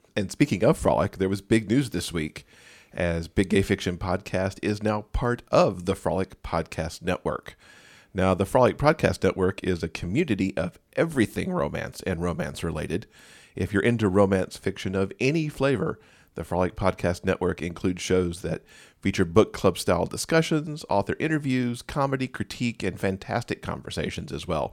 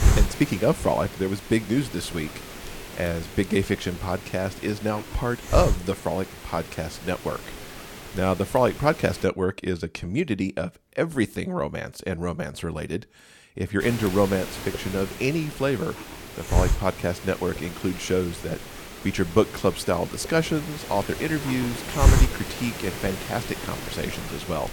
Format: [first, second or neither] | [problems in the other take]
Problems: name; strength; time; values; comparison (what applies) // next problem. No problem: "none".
first | hiss; loud; until 9 s and from 14 s on; 5 dB below the speech